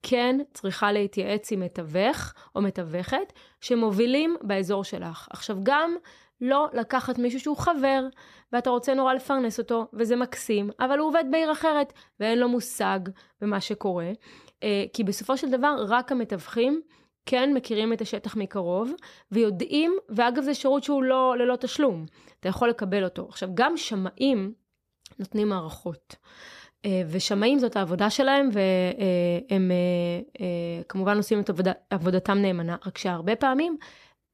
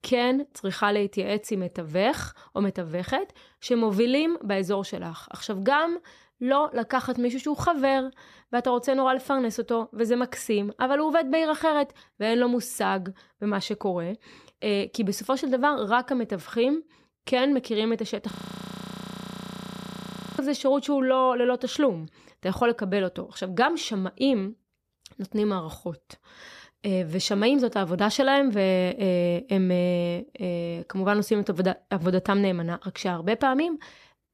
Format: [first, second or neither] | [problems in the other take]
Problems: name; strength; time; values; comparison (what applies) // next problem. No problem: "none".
first | audio freezing; at 18 s for 2 s